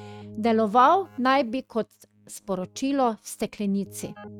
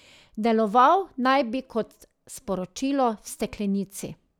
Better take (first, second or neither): second